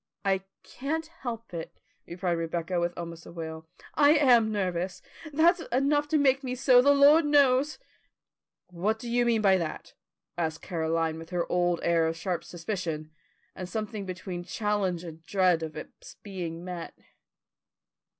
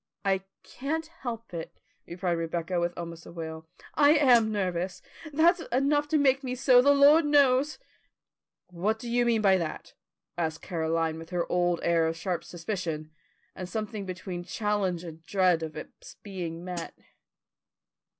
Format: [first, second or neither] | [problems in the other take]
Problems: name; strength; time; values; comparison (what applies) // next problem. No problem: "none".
first | background sound (Hi-hat); 14 dB below the speech